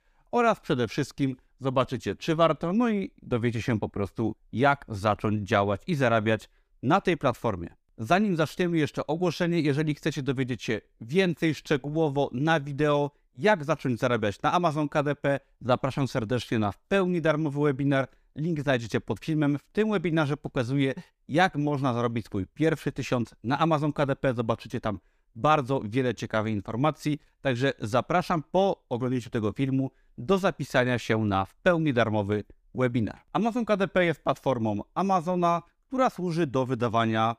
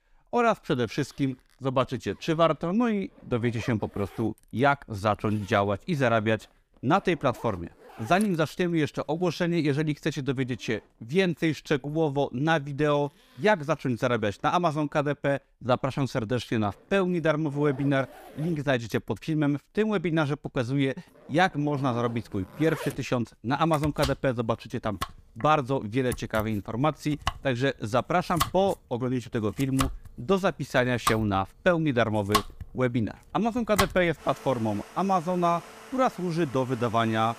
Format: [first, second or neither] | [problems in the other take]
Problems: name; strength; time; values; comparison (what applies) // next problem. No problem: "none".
first | household noises; noticeable; throughout; 10 dB below the speech